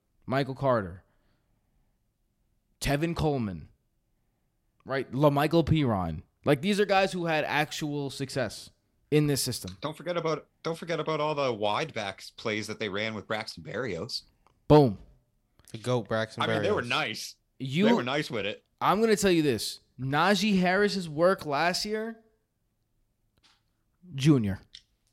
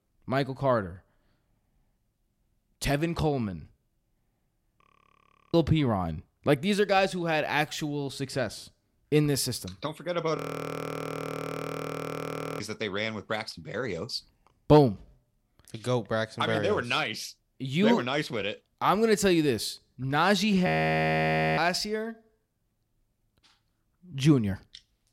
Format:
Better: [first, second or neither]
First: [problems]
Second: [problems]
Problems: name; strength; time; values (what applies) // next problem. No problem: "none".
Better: first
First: none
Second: audio freezing; at 5 s for 0.5 s, at 10 s for 2 s and at 21 s for 1 s